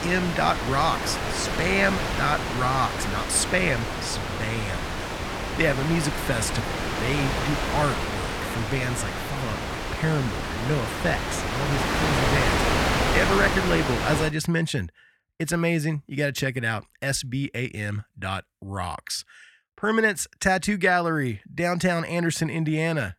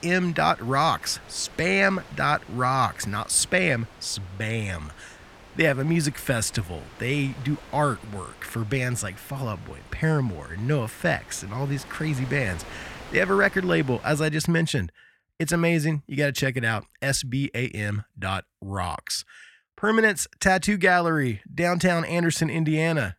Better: second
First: wind noise on the microphone; heavy; until 14 s; 1 dB below the speech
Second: wind noise on the microphone; occasional gusts; until 14 s; 20 dB below the speech

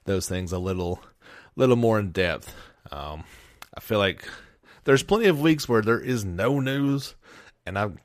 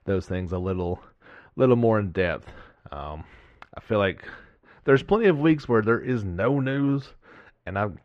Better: first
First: none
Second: muffled; very; fading above 2 kHz

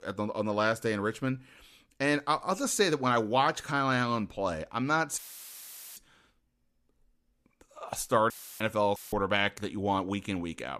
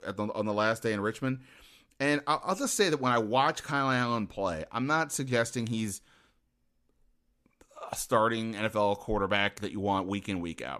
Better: second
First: audio cutting out; filled with static; at 5 s for 1 s, at 8.5 s and at 9 s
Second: none

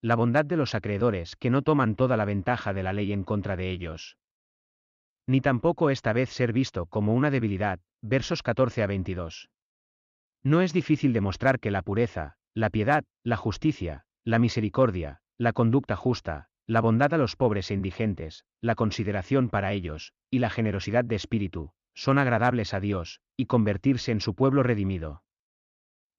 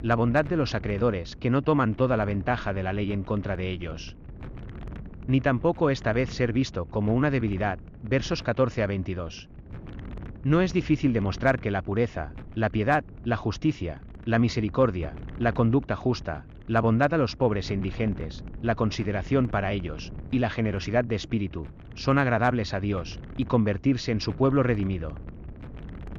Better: first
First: none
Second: wind noise on the microphone; occasional gusts; 20 dB below the speech

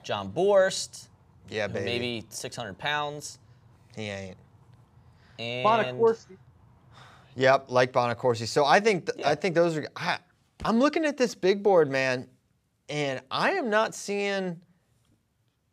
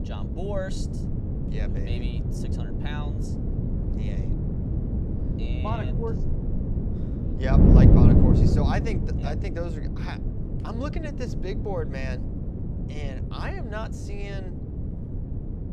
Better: first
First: none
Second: wind noise on the microphone; heavy; 1 dB above the speech

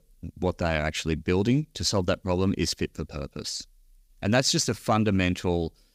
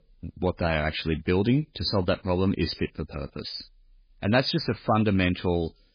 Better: first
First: none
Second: garbled, watery; badly; nothing above 5 kHz

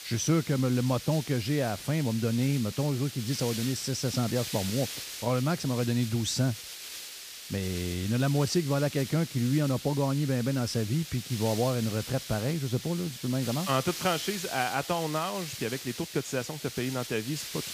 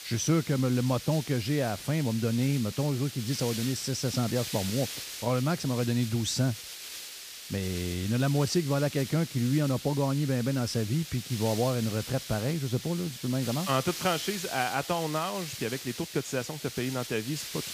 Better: neither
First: hiss; loud; throughout; 9 dB below the speech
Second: hiss; loud; throughout; 9 dB below the speech

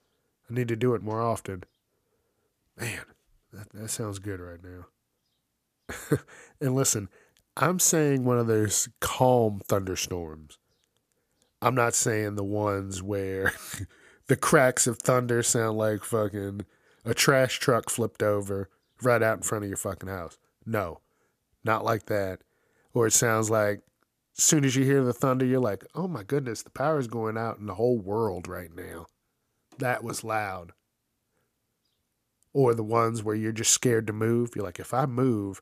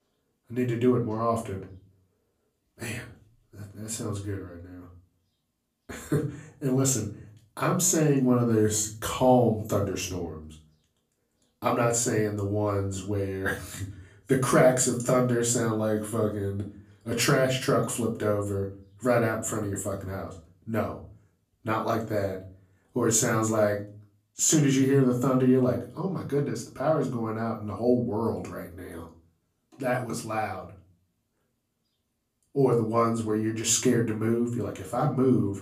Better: first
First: none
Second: off-mic speech; far // room echo; slight; dies away in 0.4 s

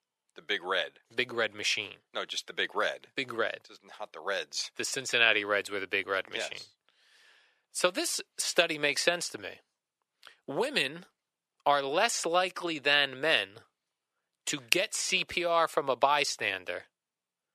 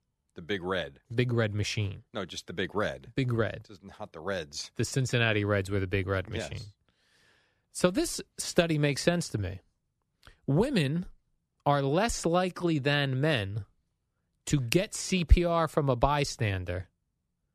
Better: second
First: thin; very; fading below 550 Hz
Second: none

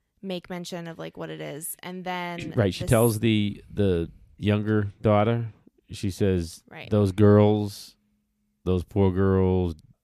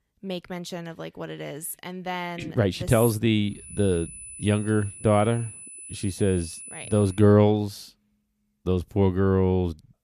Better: first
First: none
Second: high-pitched whine; noticeable; from 3.5 to 7 s; 10 kHz, 15 dB below the speech

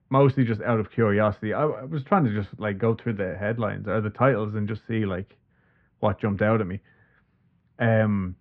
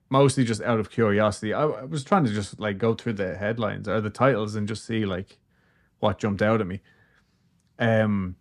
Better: second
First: muffled; very; fading above 2.5 kHz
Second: none

